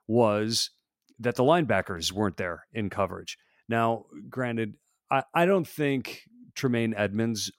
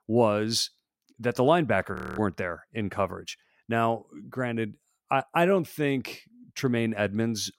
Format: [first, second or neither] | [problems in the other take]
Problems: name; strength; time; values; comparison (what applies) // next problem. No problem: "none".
first | audio freezing; at 2 s